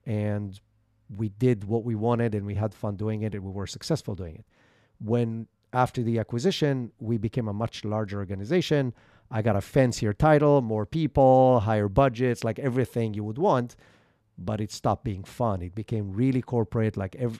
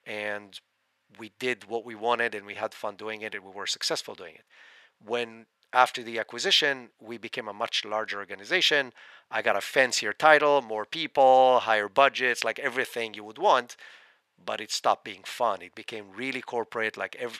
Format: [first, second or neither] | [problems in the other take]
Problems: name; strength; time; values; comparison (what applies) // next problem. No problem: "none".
first | thin; very; fading below 700 Hz